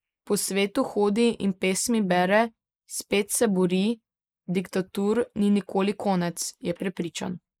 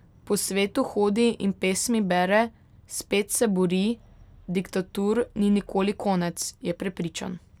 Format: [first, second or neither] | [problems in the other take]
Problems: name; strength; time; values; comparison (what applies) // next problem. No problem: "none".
second | noise reduction (neural mask model Resemble Enhance denoiser)